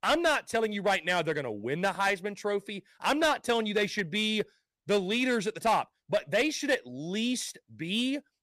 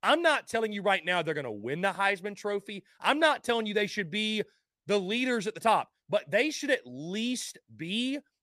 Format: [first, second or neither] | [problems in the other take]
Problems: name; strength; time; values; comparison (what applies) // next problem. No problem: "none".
second | distortion; slight; 4% of the sound clipped